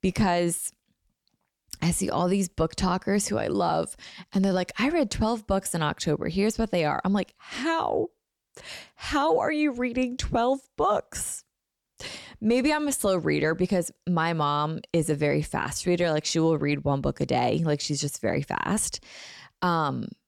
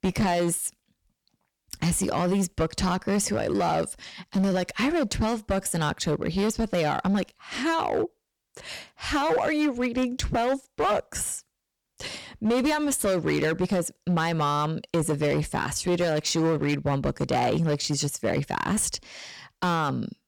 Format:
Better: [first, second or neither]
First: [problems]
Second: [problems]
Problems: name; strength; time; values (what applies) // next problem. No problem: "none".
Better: first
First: none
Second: distortion; slight; 11% of the sound clipped